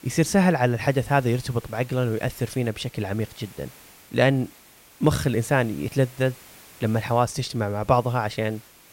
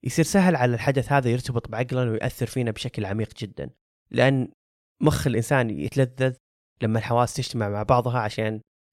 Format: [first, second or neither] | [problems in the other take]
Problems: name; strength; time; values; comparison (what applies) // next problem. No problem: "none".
second | hiss; faint; throughout; 25 dB below the speech